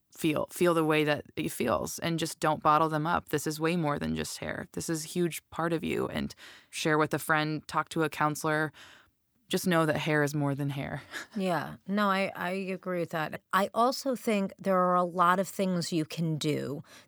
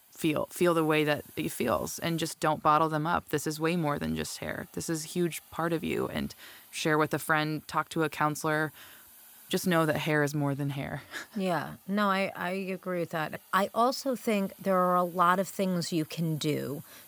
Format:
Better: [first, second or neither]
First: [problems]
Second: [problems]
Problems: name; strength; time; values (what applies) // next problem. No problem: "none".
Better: first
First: none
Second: hiss; faint; throughout; 25 dB below the speech